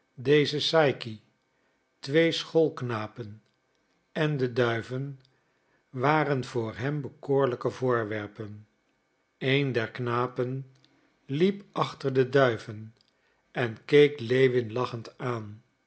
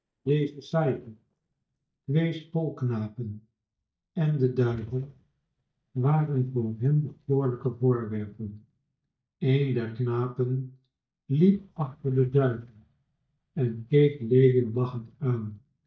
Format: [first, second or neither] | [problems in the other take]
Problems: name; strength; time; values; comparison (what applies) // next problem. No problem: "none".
first | noise reduction (neural mask model DeepFilterNet 3)